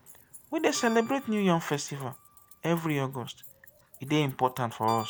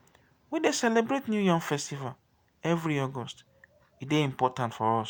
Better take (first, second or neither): second